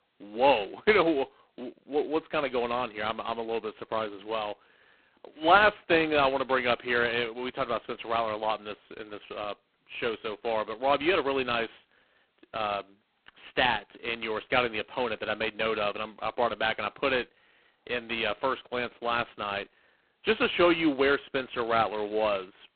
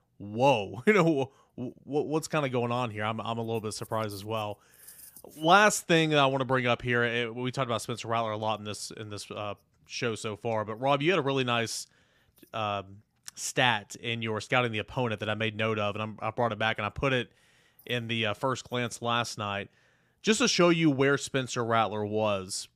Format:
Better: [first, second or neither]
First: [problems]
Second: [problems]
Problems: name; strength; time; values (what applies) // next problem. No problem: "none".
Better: second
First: phone-call audio; poor line; nothing above 4 kHz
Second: none